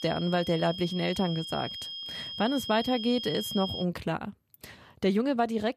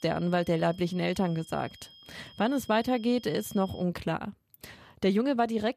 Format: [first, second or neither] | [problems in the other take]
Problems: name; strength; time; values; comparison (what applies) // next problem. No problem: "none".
second | high-pitched whine; loud; until 4 s; 3 kHz, 7 dB below the speech; faint in the second